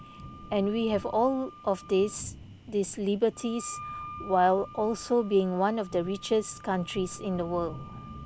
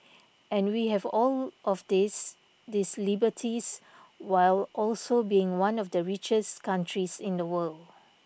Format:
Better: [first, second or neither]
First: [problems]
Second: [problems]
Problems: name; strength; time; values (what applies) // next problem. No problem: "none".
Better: second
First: background sound (Thunder + Wind instrument, woodwind instrument); 15 dB below the speech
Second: none